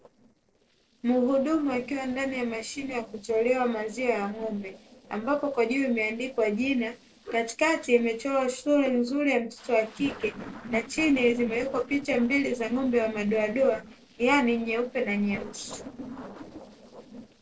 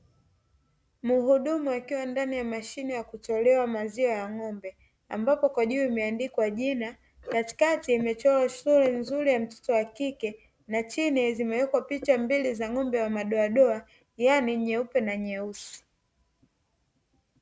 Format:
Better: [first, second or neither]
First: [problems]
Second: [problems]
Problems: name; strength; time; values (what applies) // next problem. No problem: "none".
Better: second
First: noise reduction (neural separator model SepFormer DNS4)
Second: none